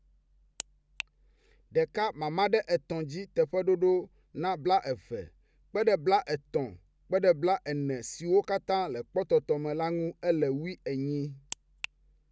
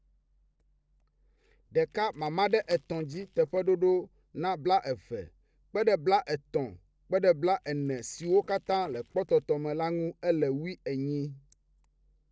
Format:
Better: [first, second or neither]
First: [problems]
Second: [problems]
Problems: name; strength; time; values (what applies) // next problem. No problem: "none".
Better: first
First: none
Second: noise reduction (neural separator model SepFormer DNS4)